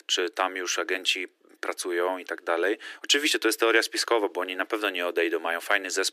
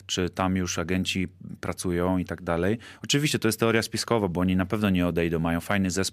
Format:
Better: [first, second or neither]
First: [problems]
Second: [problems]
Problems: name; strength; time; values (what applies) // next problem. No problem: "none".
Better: second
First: thin; very; fading below 300 Hz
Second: none